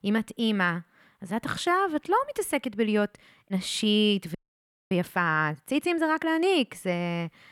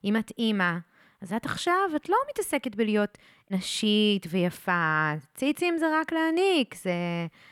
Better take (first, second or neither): second